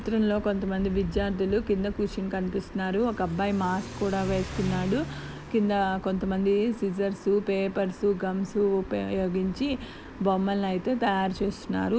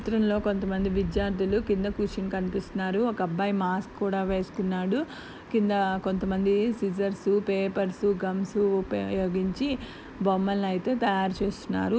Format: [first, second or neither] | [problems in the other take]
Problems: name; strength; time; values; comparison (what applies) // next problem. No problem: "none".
second | background sound (Accelerating, revving, vroom / Car); 16 dB below the speech